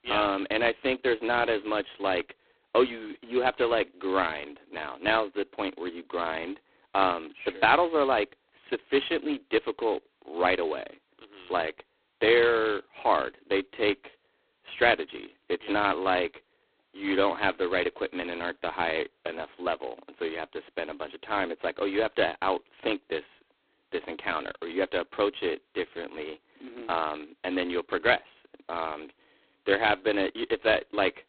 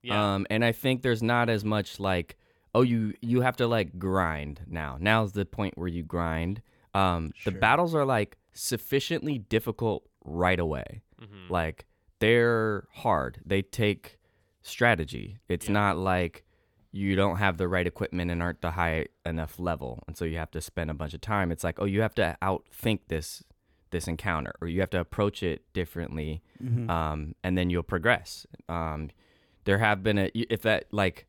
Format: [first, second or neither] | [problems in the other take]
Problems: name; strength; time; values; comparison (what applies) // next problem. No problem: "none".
second | phone-call audio; poor line; nothing above 4 kHz